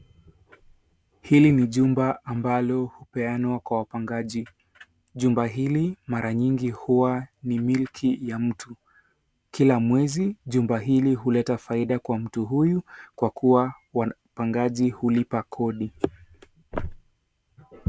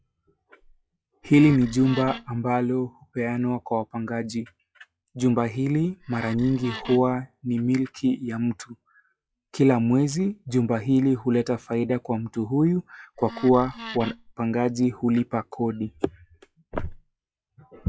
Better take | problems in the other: first | noise reduction (classical method log-MMSE)

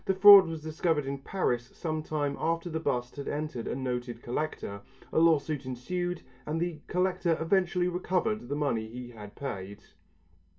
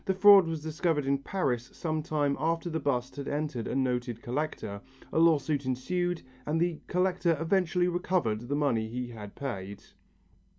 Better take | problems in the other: second | room echo; dies away in 0.2 s

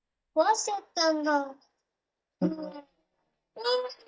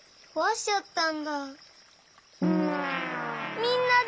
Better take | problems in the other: second | noise reduction (neural mask model DeepFilterNet 3)

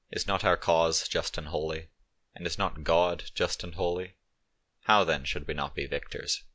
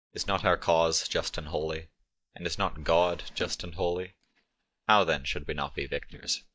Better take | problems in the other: first | noise reduction (neural mask model DeepFilterNet 3)

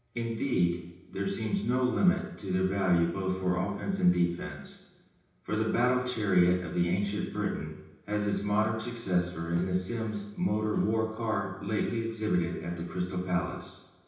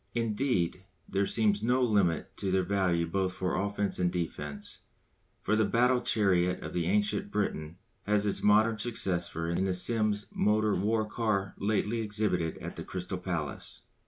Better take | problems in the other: second | room echo; dies away in 0.9 s

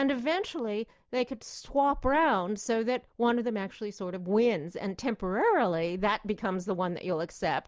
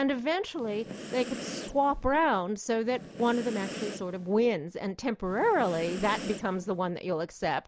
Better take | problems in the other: first | background sound (Breathing); 12 dB below the speech

